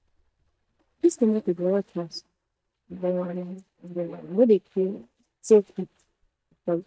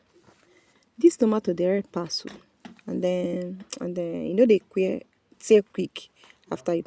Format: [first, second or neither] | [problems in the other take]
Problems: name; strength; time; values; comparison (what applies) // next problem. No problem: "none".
second | noise reduction (neural mask model DeepFilterNet 3)